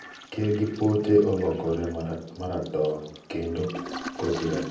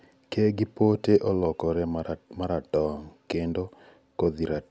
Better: second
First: background sound (Toilet flush); 14 dB below the speech // room echo; dies away in 0.6 s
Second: none

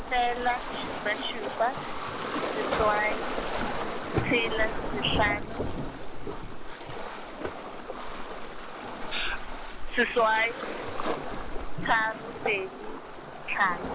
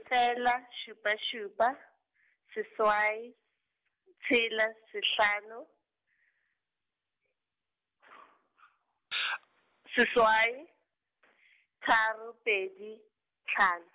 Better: second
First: background sound (Waves, surf); as loud as the speech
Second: none

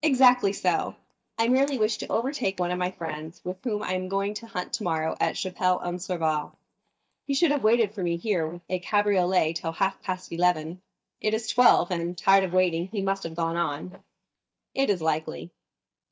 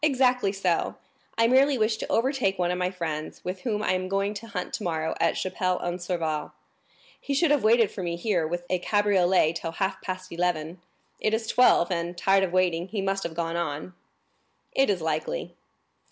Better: second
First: noise reduction (neural mask model DeepFilterNet 3)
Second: none

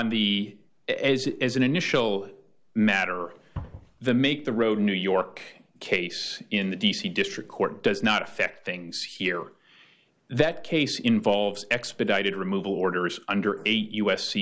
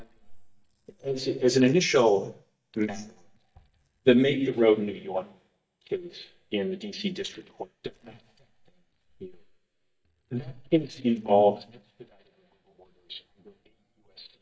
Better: first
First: none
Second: noise reduction (neural mask model DeepFilterNet 3)

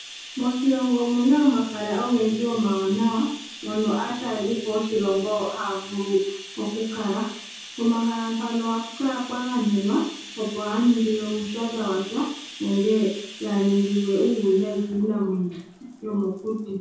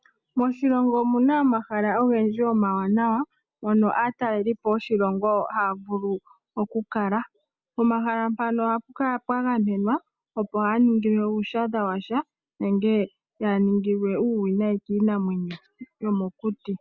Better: second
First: background sound (Bathtub (filling or washing)); 16 dB below the speech // room echo; dies away in 0.6 s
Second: none

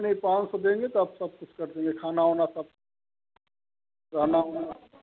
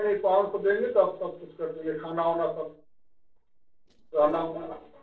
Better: first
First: none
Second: noise reduction (neural separator model SepFormer DNS4)

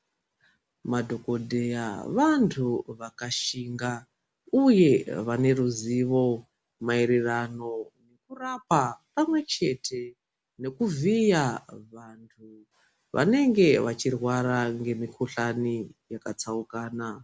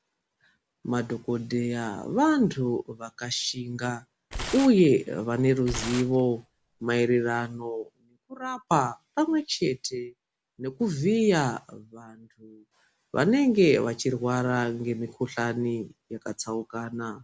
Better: first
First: none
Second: background sound (Tearing); 11 dB below the speech

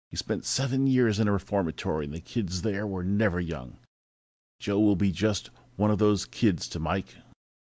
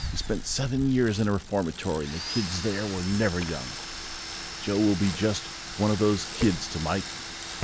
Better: first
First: none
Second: background sound (Domestic sounds, home sounds + Bicycle); 8 dB below the speech

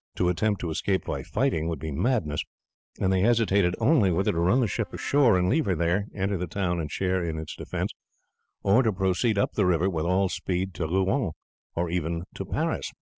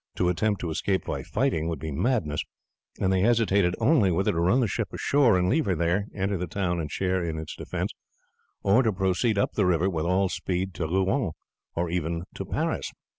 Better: second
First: noise reduction (neural separator model SepFormer DNS4)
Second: none

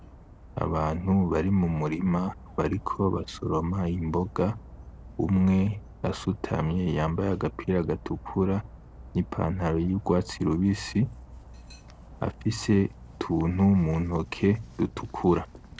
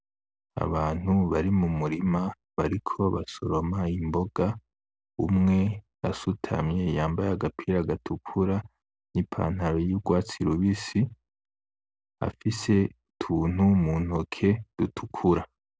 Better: second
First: background sound (Dog); 19 dB below the speech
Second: none

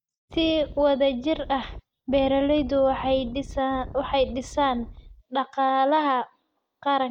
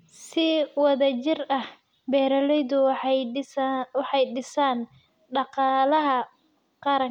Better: second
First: noise reduction (neural mask model DeepFilterNet 3)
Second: none

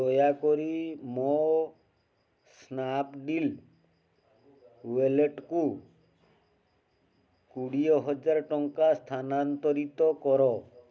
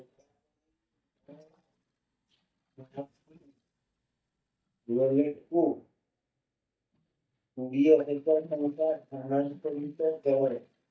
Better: first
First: none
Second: noise reduction (neural mask model DeepFilterNet 3)

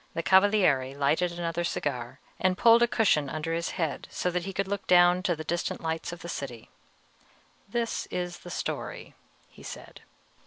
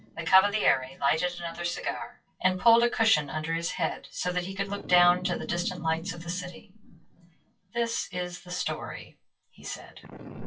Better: first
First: none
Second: noise reduction (classical method WPE with log-MMSE)

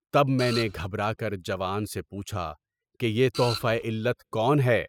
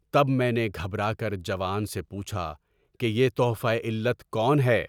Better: second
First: noise reduction (classical method spectral subtraction)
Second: none

